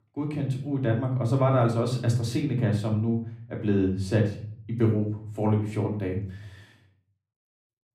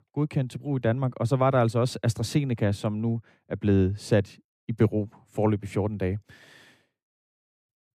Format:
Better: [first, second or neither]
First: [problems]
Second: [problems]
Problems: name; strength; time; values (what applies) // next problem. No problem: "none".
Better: second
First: room echo; slight; dies away in 0.4 s // off-mic speech; somewhat distant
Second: none